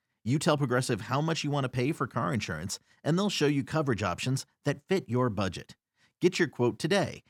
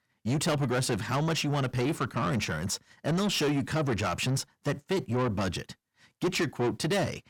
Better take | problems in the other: first | distortion; heavy; 8 dB below the speech

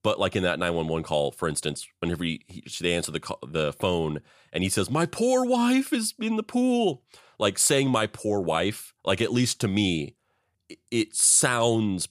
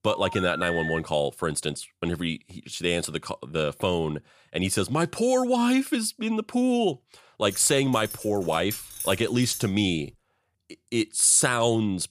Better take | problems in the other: first | phone ringing; noticeable; at the start; peak 5 dB below the speech // jangling keys; noticeable; from 7.5 to 9.5 s; peak 8 dB below the speech

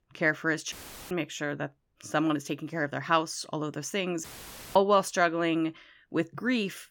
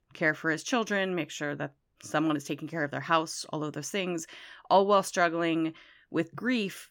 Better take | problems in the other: second | audio cutting out; filled with static; at 0.5 s and at 4 s for 0.5 s

